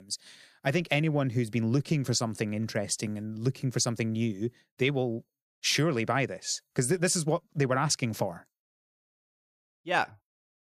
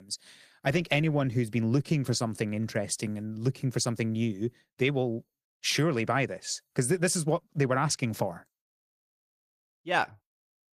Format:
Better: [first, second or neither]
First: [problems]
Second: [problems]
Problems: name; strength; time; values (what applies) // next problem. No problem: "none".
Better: first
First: none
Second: garbled, watery; slightly; nothing above 15 kHz